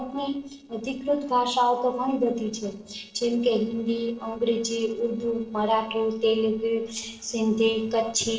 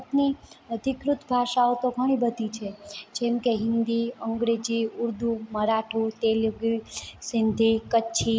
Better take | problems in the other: second | noise reduction (neural separator model SepFormer DNS4)

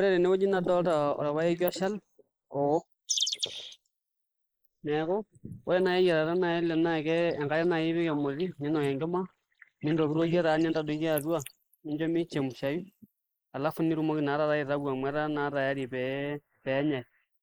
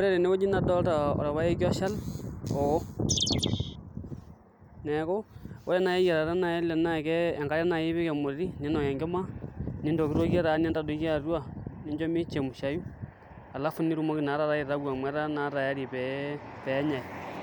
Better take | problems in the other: second | noise reduction (neural mask model Resemble Enhance denoiser)

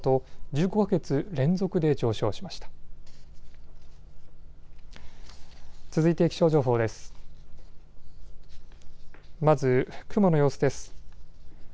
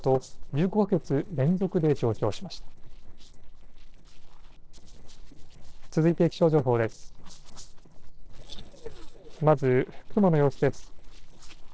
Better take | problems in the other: first | noise reduction (neural separator model SepFormer DNS4)

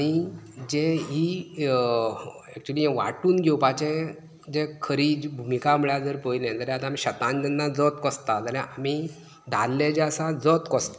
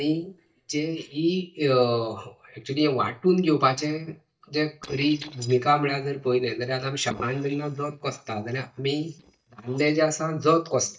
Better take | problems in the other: first | noise reduction (neural mask model DeepFilterNet 3)

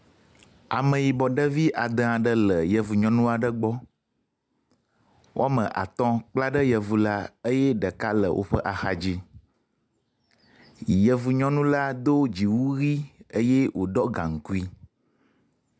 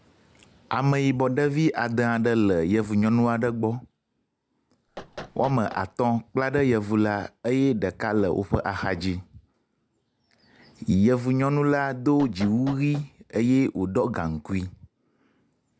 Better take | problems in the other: first | background sound (Knock); 17 dB below the speech

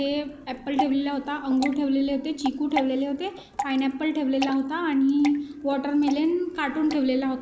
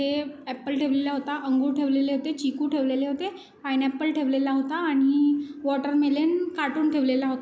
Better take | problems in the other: second | background sound (Drip / Water); 12 dB below the speech

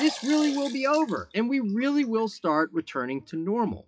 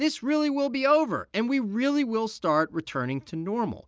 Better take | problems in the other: second | noise reduction (classical method WPE with log-MMSE)

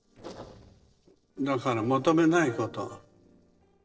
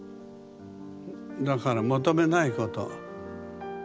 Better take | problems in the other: second | noise reduction (neural separator model SepFormer DNS4)

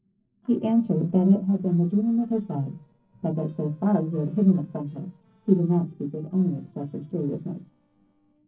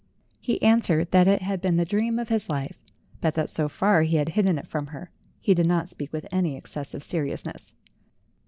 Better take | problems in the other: second | noise reduction (neural separator model SepFormer DNS4)

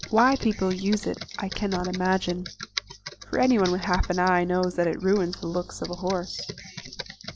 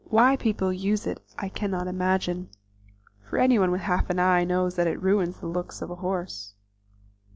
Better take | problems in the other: second | background sound (Computer keyboard); 14 dB below the speech

